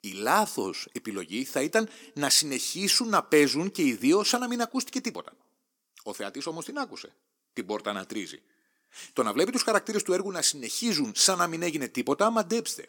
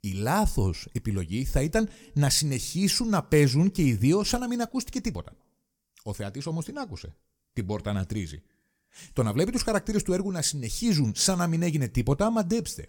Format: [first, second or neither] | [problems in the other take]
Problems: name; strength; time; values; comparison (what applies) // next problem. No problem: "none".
second | thin; somewhat; fading below 300 Hz